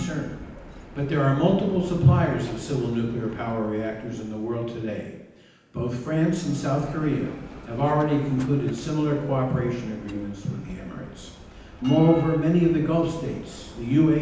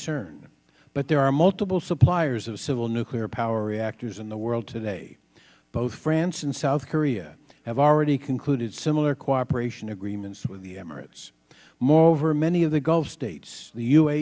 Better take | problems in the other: second | background sound (Bell); 17 dB below the speech // room echo; dies away in 0.9 s

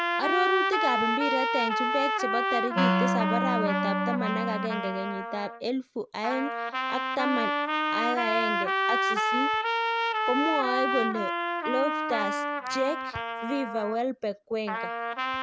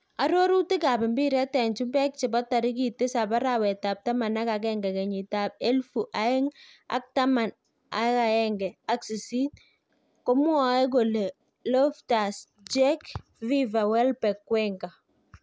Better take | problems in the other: second | background sound (Wind instrument, woodwind instrument + Trumpet); 3 dB above the speech

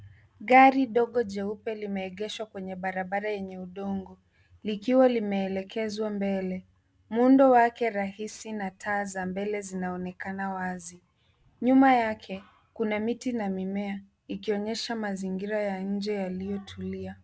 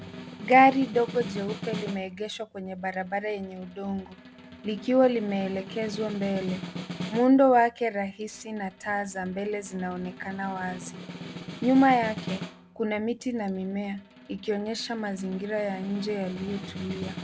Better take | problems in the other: first | background sound (Snare drum); 13 dB below the speech

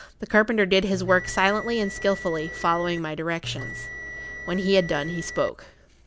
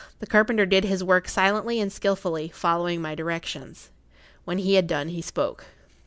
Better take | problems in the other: second | background sound (Bell); 11 dB below the speech

